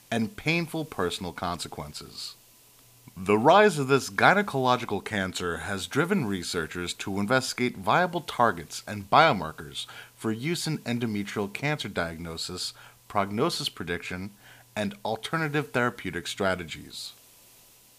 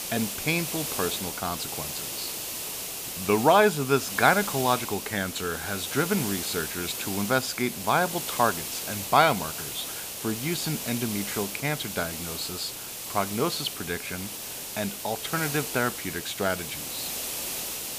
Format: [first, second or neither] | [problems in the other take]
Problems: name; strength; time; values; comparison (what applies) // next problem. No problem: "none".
first | hiss; loud; throughout; 5 dB below the speech; faint in the first